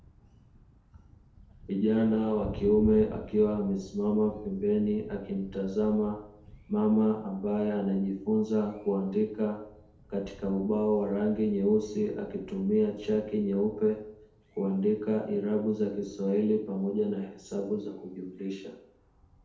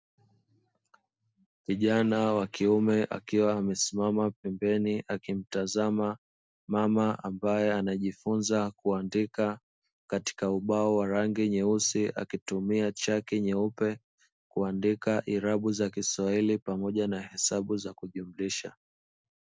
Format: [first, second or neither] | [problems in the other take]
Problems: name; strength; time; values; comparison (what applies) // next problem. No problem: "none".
second | background sound (Thunder); 20 dB below the speech // room echo; dies away in 1.9 s